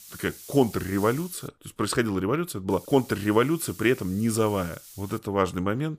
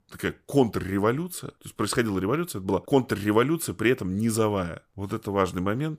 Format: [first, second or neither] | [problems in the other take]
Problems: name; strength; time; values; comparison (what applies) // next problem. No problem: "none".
second | hiss; noticeable; until 1.5 s and from 2.5 to 5 s; 20 dB below the speech